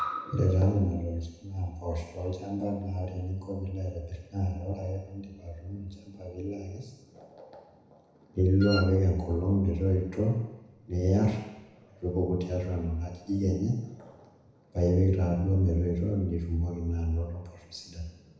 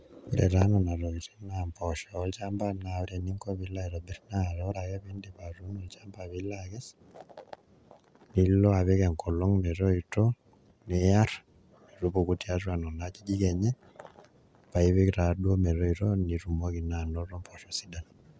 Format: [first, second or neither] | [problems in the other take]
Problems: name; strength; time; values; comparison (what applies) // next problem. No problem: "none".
second | background sound (Wind instrument, woodwind instrument); 8 dB below the speech // room echo; dies away in 1 s